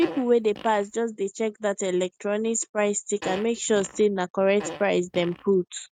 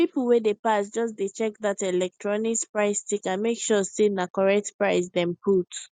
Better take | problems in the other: second | noise reduction (neural mask model RNNoise)

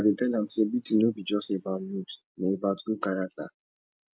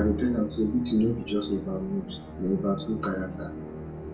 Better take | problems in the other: first | background sound (Musical instrument); 9 dB below the speech // room echo; dies away in 0.3 s

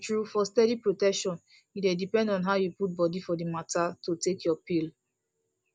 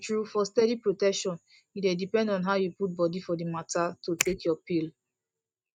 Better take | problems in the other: first | noise reduction (neural mask model RNNoise)

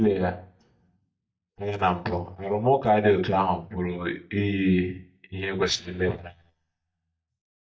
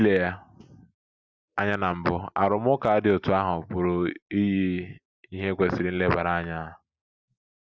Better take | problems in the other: second | noise reduction (neural mask model DeepFilterNet 3)

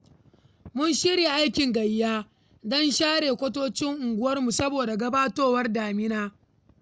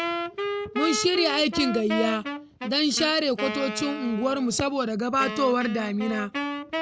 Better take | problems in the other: first | background sound (Wind instrument, woodwind instrument); 7 dB below the speech

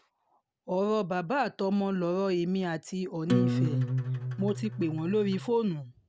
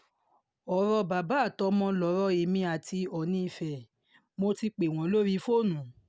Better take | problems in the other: second | background sound (Acoustic guitar); as loud as the speech

